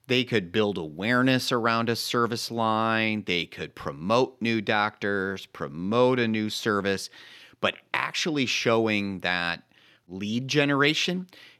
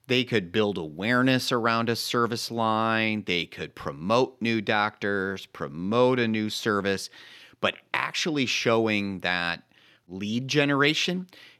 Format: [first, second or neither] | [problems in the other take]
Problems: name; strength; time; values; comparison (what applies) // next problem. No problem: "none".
neither | none